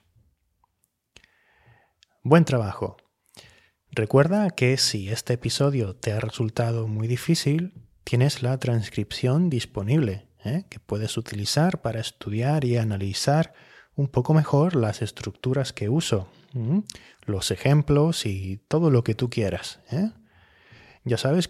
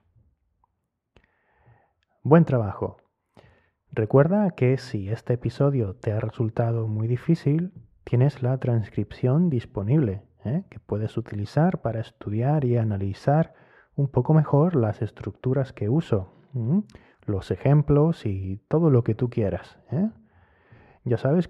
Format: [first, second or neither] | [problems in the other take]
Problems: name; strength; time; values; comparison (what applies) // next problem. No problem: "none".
first | muffled; very; fading above 2.5 kHz